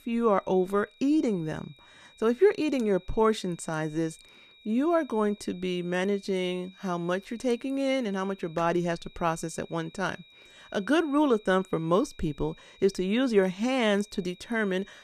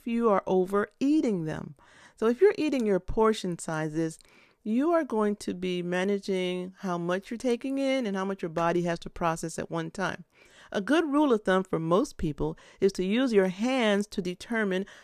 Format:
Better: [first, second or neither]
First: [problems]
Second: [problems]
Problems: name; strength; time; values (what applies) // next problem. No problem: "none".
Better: second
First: high-pitched whine; faint; throughout; 4 kHz, 25 dB below the speech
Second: none